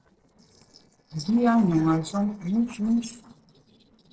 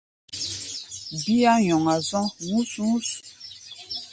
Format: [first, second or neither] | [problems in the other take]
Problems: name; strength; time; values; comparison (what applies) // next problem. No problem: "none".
second | noise reduction (neural separator model SepFormer DNS4)